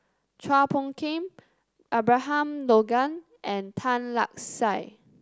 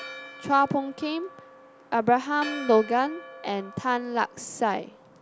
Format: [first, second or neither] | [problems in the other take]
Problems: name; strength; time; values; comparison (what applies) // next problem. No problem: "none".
first | background sound (Church bell); 16 dB below the speech